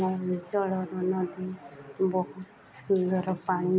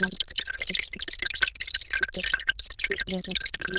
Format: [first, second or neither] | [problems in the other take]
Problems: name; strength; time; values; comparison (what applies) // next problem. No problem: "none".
first | noise reduction (neural diffusion model UNIVERSE++)